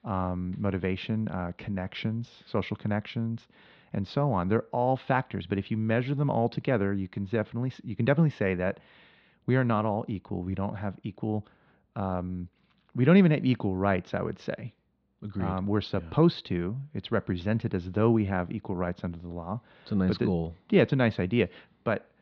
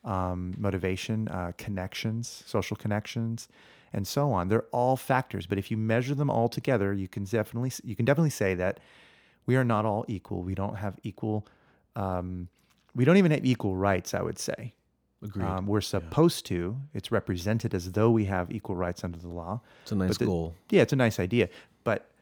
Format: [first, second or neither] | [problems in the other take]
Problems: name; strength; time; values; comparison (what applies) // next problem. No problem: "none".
second | muffled; slightly; fading above 4 kHz